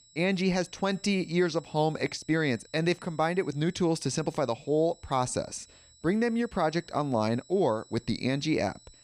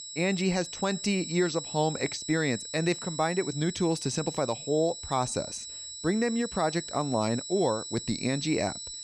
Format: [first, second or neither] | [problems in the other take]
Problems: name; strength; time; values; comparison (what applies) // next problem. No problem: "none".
first | high-pitched whine; loud; throughout; 8 kHz, 8 dB below the speech; faint in the first